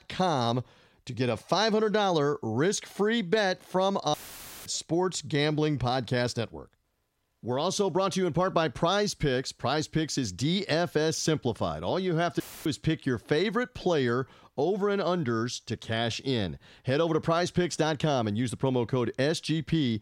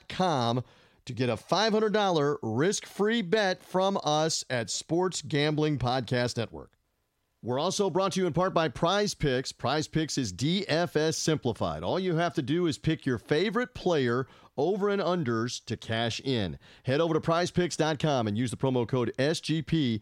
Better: second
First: audio cutting out; filled with static; at 4 s for 0.5 s and at 12 s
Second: none

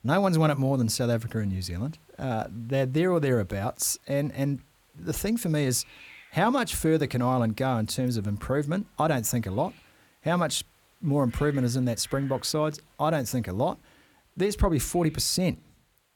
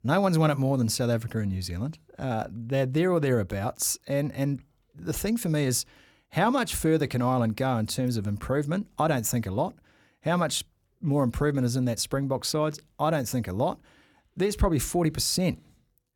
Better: second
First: hiss; faint; throughout; 30 dB below the speech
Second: none

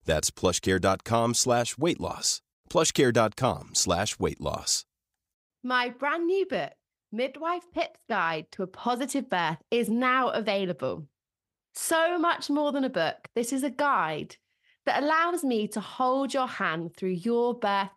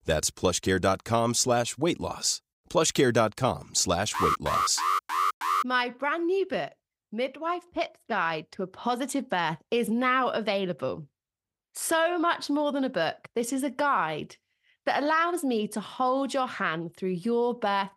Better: first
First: none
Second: alarm; loud; from 4 to 5.5 s; peak 2 dB above the speech

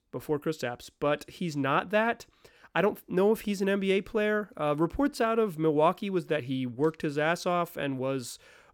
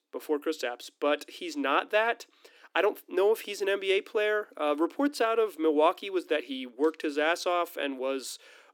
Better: first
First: none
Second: thin; very slightly; fading below 300 Hz

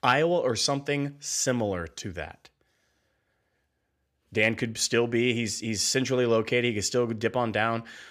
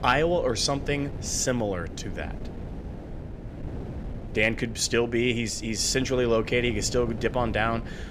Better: first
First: none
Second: wind noise on the microphone; occasional gusts; 20 dB below the speech

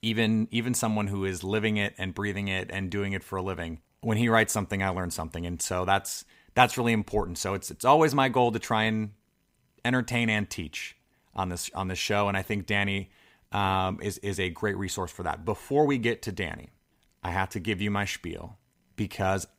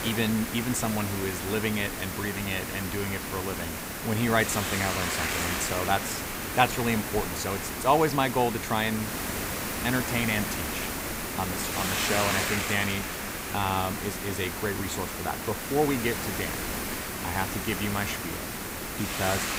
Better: first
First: none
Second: hiss; loud; throughout; 2 dB below the speech

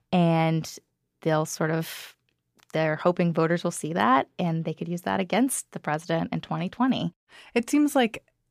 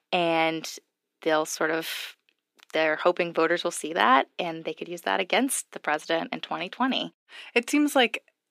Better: first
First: none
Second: thin; somewhat; fading below 300 Hz

